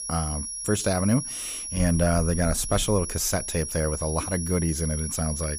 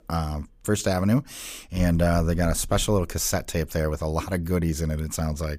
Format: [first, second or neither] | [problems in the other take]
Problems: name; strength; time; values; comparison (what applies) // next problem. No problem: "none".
second | high-pitched whine; loud; throughout; 10.5 kHz, 5 dB below the speech